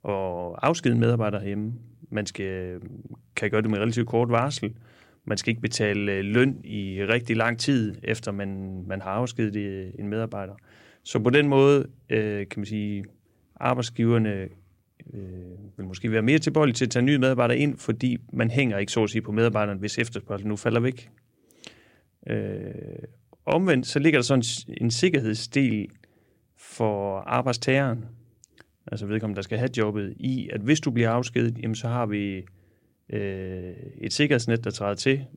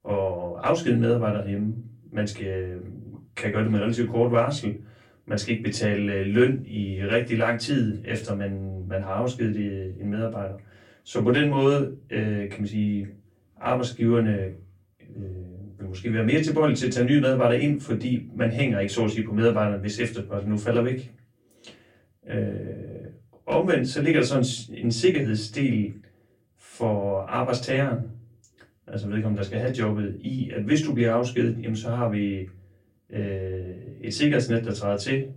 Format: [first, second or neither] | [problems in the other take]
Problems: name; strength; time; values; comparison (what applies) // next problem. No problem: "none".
first | off-mic speech; far // room echo; very slight; dies away in 0.3 s